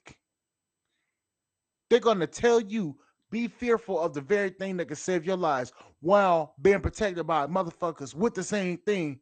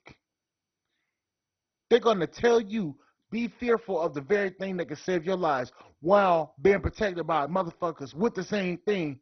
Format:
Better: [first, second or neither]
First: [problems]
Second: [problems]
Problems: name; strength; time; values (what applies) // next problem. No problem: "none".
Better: first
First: garbled, watery; slightly; nothing above 8 kHz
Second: garbled, watery; badly; nothing above 6 kHz